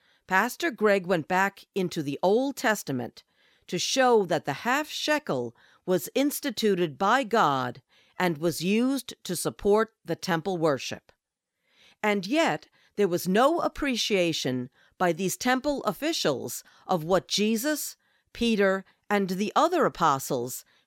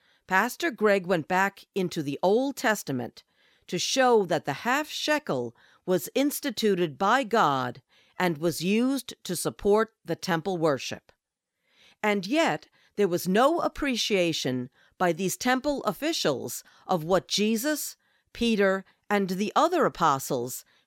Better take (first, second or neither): neither